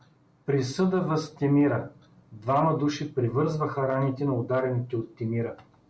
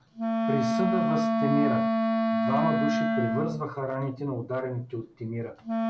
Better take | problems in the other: first | background sound (Wind instrument, woodwind instrument); 4 dB above the speech

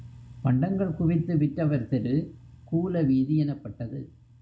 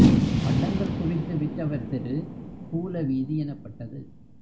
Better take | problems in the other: first | background sound (Fireworks); 3 dB above the speech

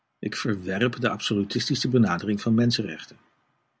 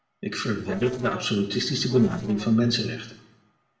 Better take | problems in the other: first | noise reduction (neural separator model SepFormer DNS4)

